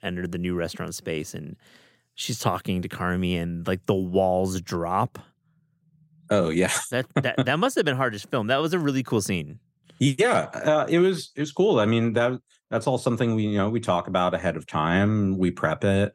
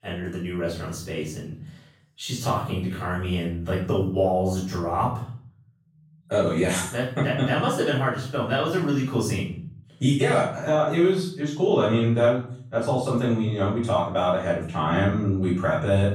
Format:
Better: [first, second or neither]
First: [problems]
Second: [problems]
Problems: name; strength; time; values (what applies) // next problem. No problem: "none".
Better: first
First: none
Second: off-mic speech; far // room echo; noticeable; dies away in 0.5 s